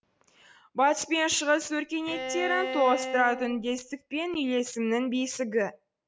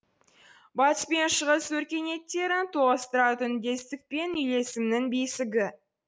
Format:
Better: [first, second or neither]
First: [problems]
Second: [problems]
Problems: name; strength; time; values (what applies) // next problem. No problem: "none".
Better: second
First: background sound (Bowed string instrument); 7 dB below the speech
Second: none